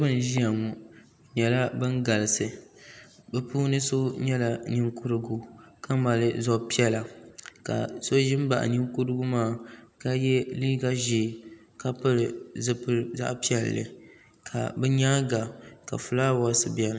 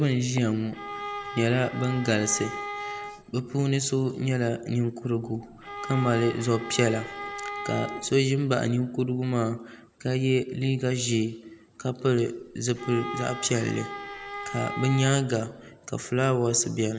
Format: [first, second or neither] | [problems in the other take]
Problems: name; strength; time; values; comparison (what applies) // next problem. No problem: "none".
first | background sound (Bowed string instrument); 10 dB below the speech